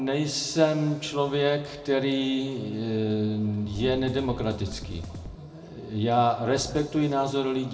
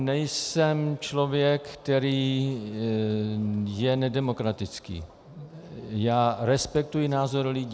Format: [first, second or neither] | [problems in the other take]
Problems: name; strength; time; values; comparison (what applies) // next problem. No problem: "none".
second | background sound (Drum kit); 12 dB below the speech // room echo; dies away in 1.5 s